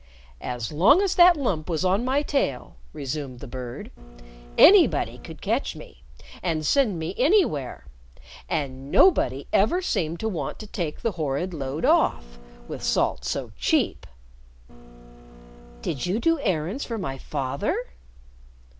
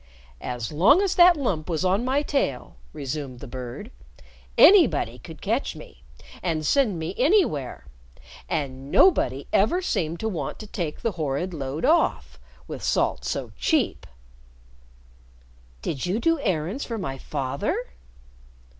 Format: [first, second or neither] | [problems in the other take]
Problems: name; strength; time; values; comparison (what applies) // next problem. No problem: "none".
second | background sound (Printer); 20 dB below the speech